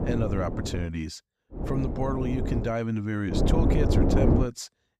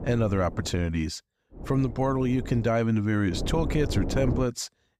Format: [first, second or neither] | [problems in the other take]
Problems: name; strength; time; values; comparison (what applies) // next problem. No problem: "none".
second | wind noise on the microphone; heavy; at the start, from 1.5 to 2.5 s and from 3.5 to 4.5 s; 1 dB above the speech; occasional gusts in the second